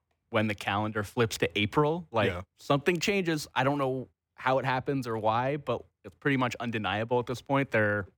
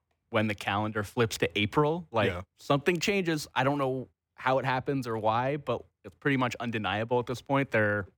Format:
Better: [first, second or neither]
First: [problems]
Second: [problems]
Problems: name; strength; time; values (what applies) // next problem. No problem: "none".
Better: neither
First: none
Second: none